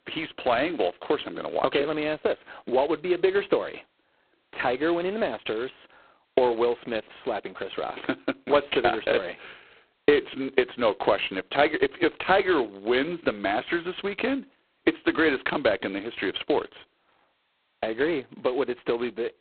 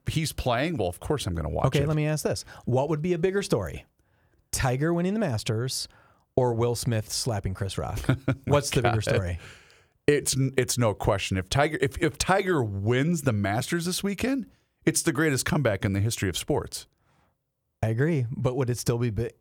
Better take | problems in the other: second | phone-call audio; poor line; nothing above 4 kHz

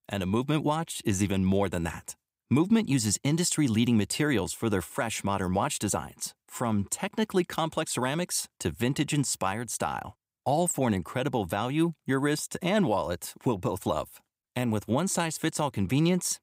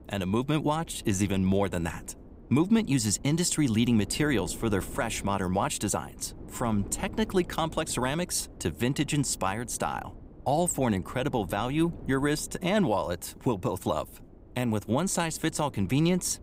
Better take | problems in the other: first | wind noise on the microphone; occasional gusts; 20 dB below the speech

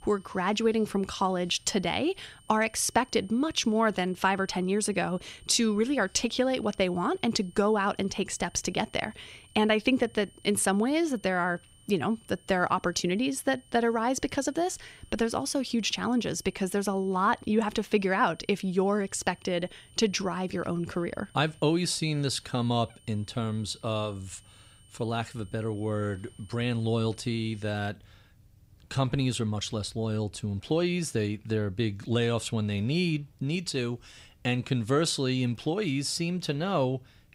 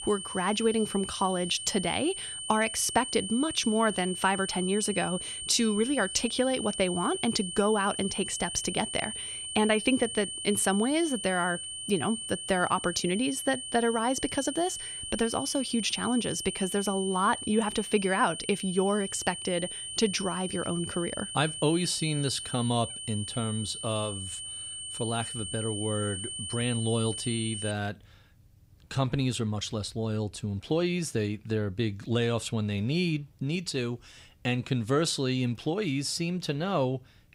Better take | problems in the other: first | high-pitched whine; loud; until 28 s; 3 kHz, 6 dB below the speech; faint in the first

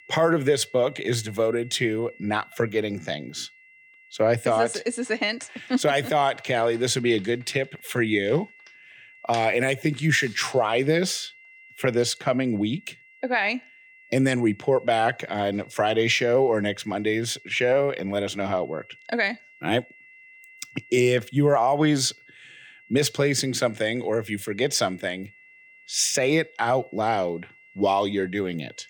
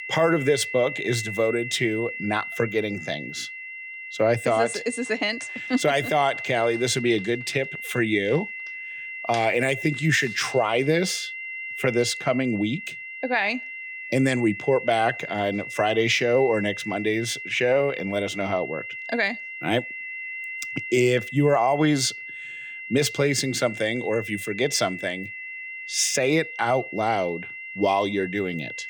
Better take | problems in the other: first | high-pitched whine; loud; throughout; 2 kHz, 9 dB below the speech; faint in the first

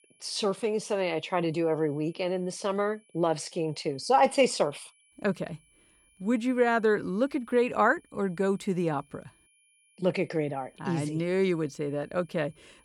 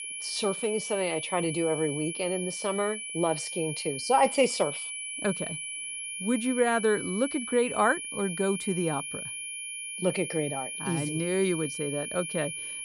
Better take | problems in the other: first | high-pitched whine; loud; throughout; 2.5 kHz, 5 dB below the speech; faint in the first

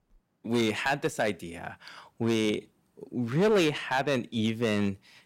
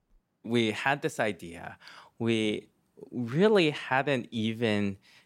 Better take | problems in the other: second | distortion; slight; 5% of the sound clipped

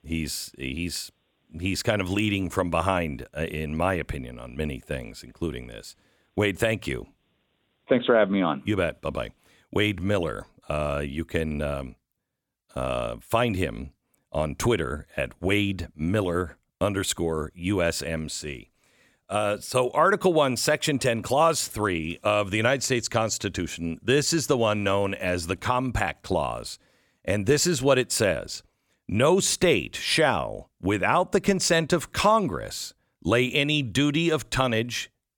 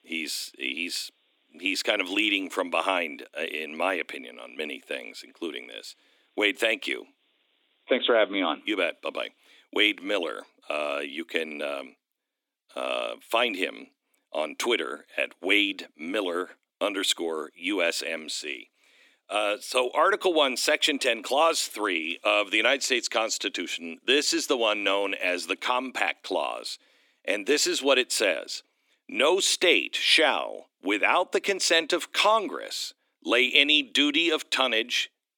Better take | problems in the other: first | thin; very slightly; fading below 300 Hz

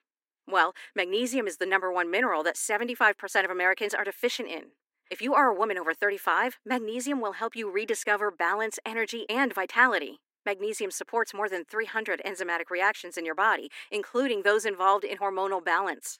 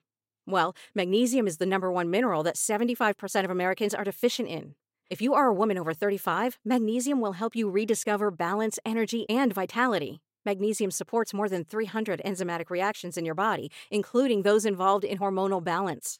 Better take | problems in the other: second | thin; somewhat; fading below 250 Hz

